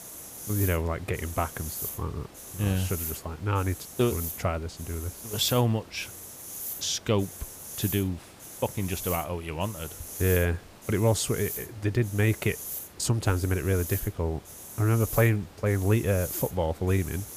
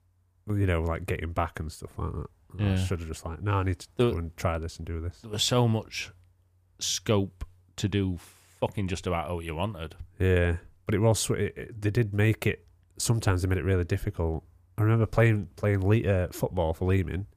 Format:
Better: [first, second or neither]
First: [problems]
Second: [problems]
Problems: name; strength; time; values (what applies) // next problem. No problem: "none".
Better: second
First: hiss; loud; throughout; 9 dB below the speech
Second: none